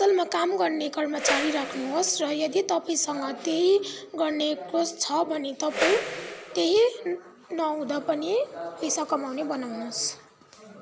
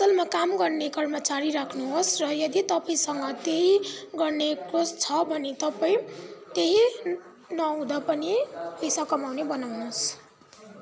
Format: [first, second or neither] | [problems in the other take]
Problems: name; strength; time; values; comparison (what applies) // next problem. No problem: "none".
second | background sound (Whoosh, swoosh, swish); 5 dB below the speech